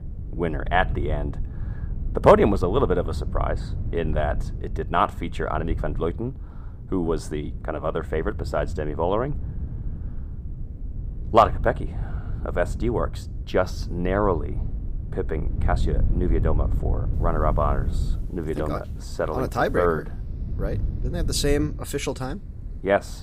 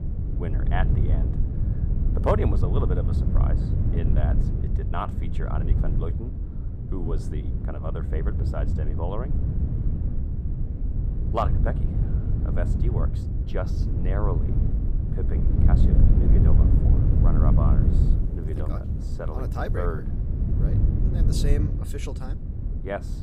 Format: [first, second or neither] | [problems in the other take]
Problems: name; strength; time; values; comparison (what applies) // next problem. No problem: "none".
first | wind noise on the microphone; heavy; 4 dB below the speech; occasional gusts in the first